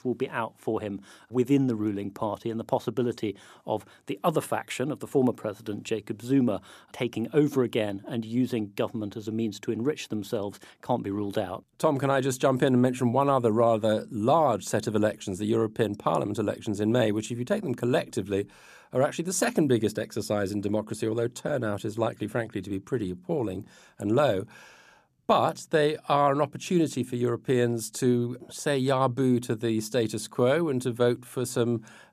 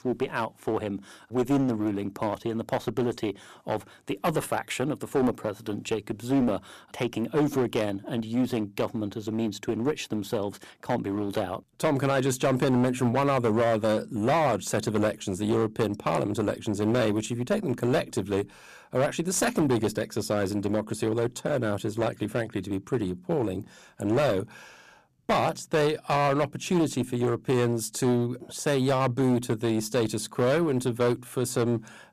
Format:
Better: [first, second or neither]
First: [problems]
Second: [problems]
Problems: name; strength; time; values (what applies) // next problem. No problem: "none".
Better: first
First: none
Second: distortion; slight; 10% of the sound clipped